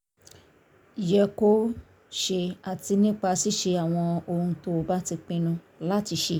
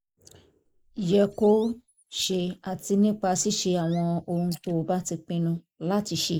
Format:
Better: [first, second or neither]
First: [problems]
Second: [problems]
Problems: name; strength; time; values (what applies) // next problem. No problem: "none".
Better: first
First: none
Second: noise reduction (neural mask model Resemble Enhance denoiser)